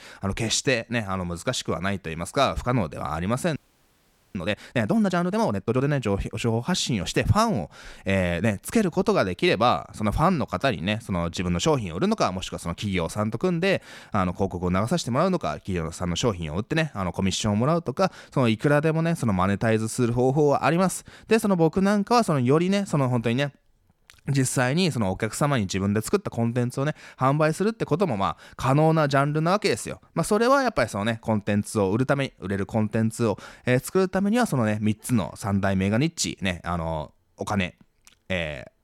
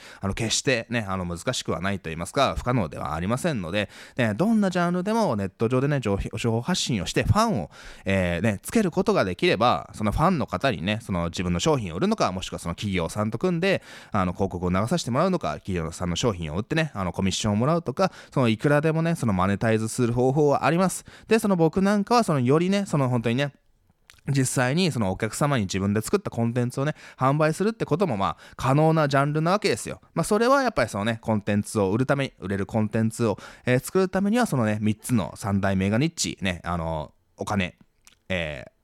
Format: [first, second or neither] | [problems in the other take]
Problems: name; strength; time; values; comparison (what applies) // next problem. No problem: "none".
second | audio freezing; at 3.5 s for 1 s